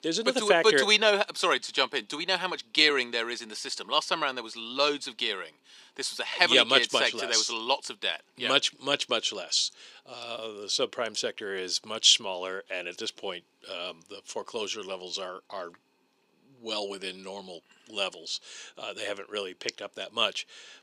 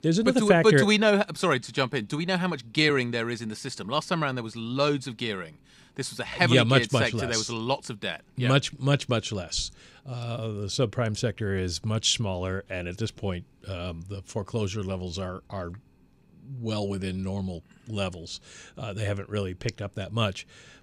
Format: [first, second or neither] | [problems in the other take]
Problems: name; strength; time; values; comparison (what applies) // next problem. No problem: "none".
second | thin; somewhat; fading below 350 Hz